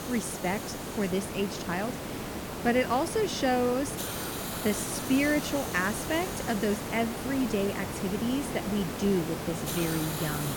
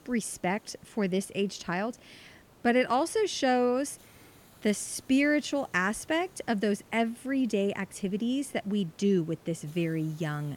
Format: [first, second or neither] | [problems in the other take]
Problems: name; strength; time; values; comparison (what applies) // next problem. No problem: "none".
second | hiss; loud; throughout; 4 dB below the speech; faint in the second